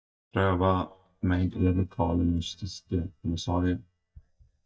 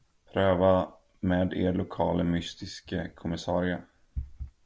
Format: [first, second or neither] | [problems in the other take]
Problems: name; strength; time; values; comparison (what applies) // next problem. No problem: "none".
second | noise reduction (neural mask model DeepFilterNet 3)